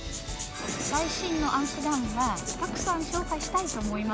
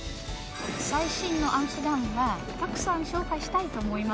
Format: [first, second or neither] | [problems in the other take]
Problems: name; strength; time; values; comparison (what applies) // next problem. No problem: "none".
second | background sound (Rattle (instrument)); 10 dB below the speech